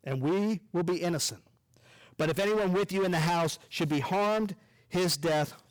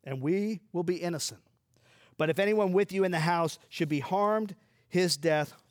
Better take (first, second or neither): second